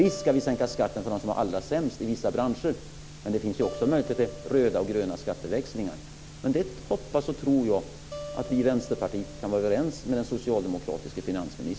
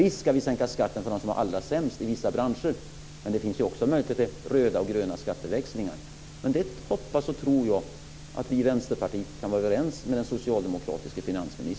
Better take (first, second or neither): second